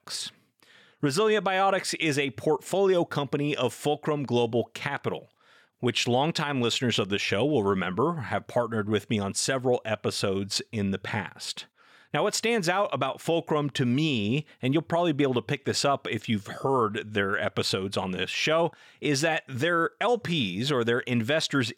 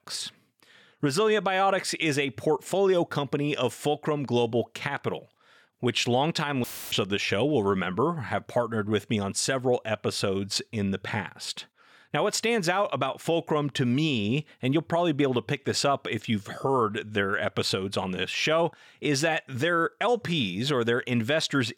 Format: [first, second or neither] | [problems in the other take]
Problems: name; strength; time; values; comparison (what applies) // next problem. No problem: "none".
first | audio cutting out; filled with static; at 6.5 s